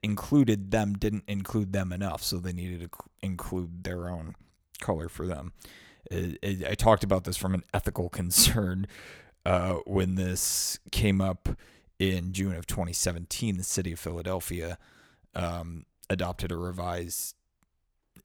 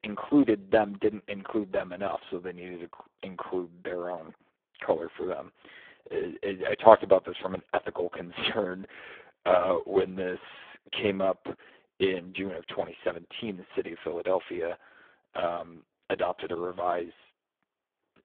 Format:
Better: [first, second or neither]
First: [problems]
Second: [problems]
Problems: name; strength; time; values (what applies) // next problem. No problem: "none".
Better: first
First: none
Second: phone-call audio; poor line; nothing above 3.5 kHz